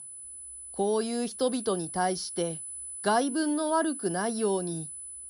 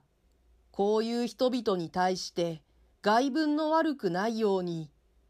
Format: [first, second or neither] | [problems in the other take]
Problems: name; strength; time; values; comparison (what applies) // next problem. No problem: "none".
second | high-pitched whine; loud; throughout; 10 kHz, 8 dB below the speech